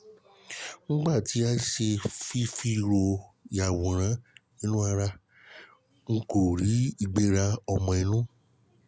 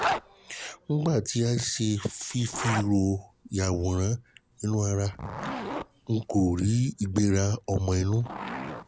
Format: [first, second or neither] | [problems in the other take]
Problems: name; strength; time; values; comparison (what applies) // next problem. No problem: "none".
first | background sound (Zipper (clothing)); 11 dB below the speech